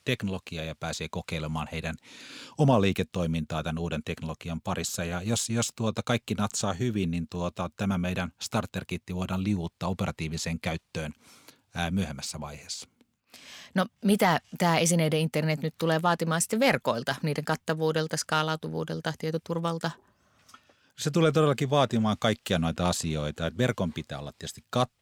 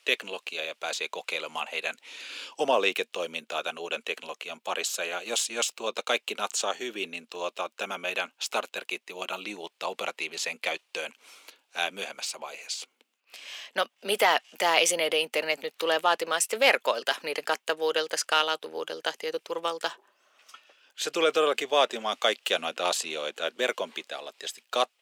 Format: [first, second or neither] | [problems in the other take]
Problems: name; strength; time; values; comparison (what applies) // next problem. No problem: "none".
first | thin; very; fading below 400 Hz